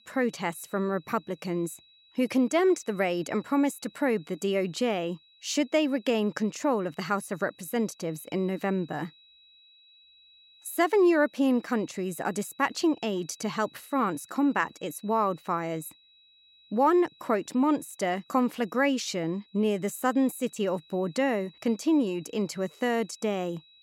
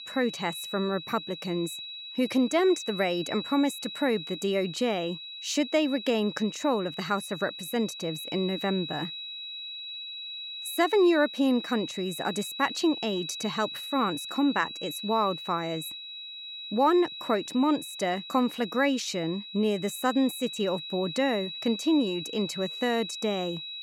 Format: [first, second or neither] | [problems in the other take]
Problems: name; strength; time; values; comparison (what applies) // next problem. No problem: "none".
first | high-pitched whine; loud; throughout; 4 kHz, 9 dB below the speech; faint in the first